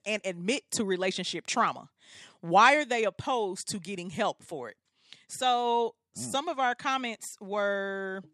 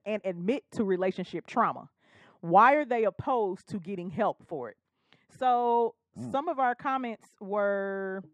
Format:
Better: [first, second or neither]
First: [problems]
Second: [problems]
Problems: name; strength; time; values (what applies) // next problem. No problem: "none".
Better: first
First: none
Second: muffled; very; fading above 2.5 kHz